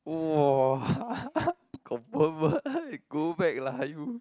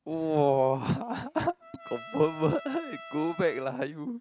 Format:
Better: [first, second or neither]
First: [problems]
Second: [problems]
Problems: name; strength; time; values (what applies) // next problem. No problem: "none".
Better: first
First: none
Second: background sound (Trumpet); 18 dB below the speech